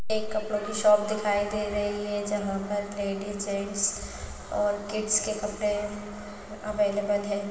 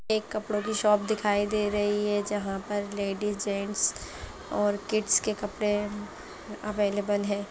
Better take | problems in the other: second | room echo; dies away in 2.3 s

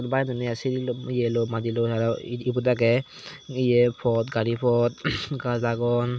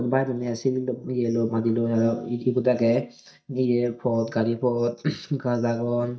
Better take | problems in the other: first | noise reduction (neural mask model DeepFilterNet 3)

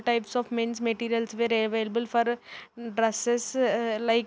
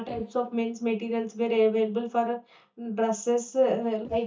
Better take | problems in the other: first | noise reduction (neural mask model DeepFilterNet 3)

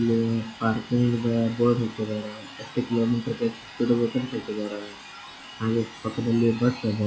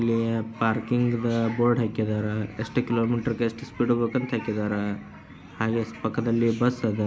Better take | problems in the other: second | noise reduction (classical method log-MMSE)

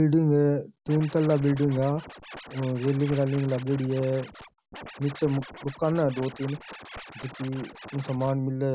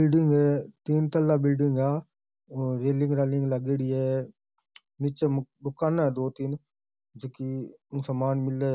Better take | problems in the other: second | background sound (Scratching (performance technique)); 17 dB below the speech

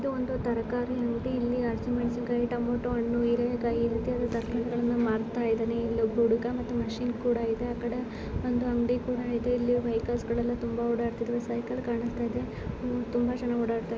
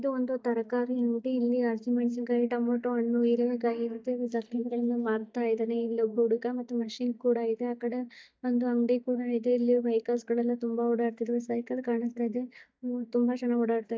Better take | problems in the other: first | noise reduction (neural mask model DeepFilterNet 3)

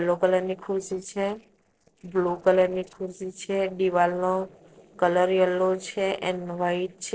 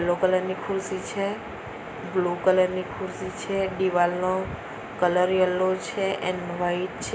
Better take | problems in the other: second | noise reduction (neural separator model SepFormer DNS4)

